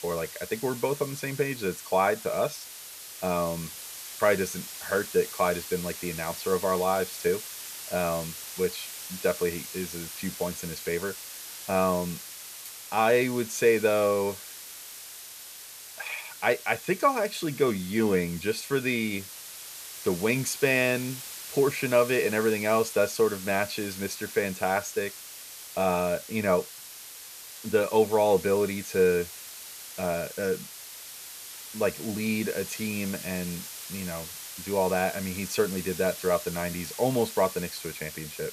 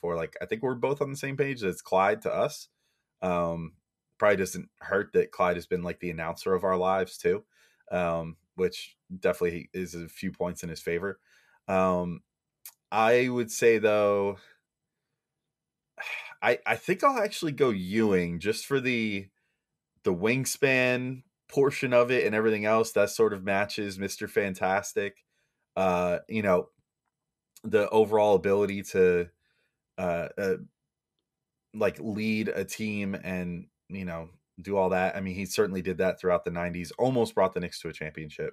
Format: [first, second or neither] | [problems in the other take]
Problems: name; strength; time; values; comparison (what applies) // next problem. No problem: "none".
second | hiss; noticeable; throughout; 10 dB below the speech